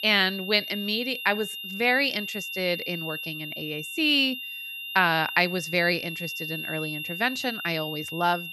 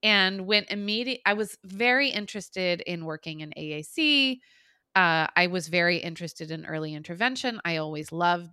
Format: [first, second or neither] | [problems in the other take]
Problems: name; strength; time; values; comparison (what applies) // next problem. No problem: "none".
second | high-pitched whine; loud; throughout; 3 kHz, 7 dB below the speech